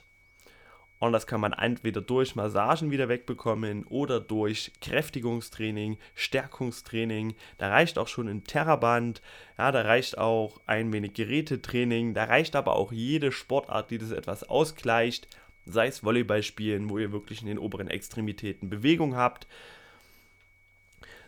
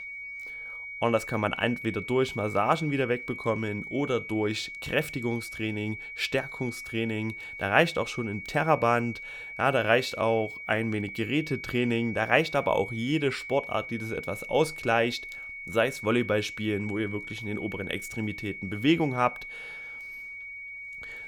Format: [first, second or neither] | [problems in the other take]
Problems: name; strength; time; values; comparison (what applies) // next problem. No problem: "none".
first | high-pitched whine; loud; throughout; 2.5 kHz, 9 dB below the speech; faint in the first